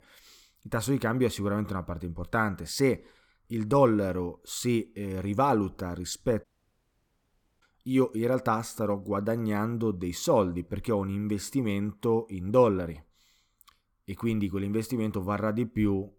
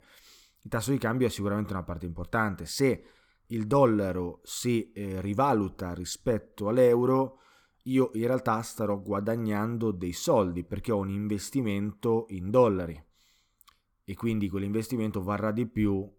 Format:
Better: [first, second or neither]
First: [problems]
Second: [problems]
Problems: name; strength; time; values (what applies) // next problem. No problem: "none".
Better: second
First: audio cutting out; at 6.5 s for 1 s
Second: none